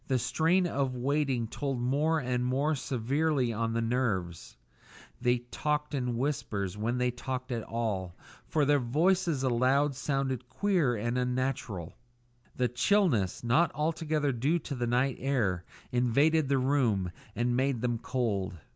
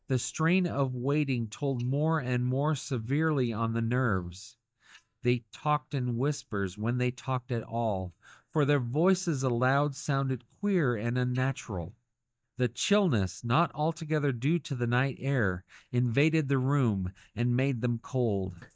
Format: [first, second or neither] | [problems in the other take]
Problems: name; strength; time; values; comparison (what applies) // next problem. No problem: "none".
first | noise reduction (neural mask model DeepFilterNet 3)